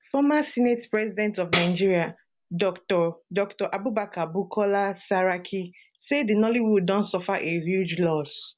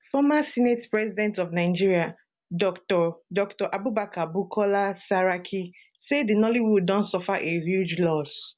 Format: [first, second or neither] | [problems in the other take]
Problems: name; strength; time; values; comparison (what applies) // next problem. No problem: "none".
second | background sound (Tambourine); 8 dB below the speech